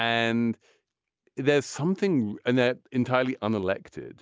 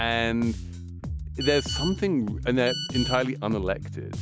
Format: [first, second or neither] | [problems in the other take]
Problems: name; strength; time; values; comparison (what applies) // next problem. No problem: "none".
first | background sound (Bass guitar + Telephone); 6 dB below the speech